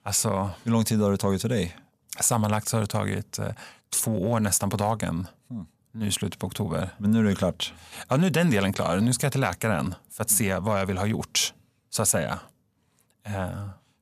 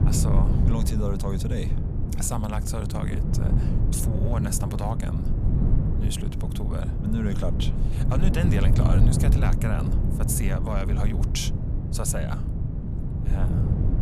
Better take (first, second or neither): first